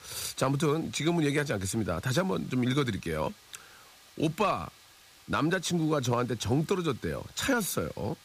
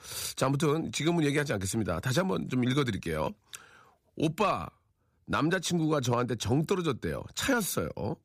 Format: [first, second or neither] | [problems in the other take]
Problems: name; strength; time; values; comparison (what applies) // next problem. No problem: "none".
second | hiss; faint; throughout; 25 dB below the speech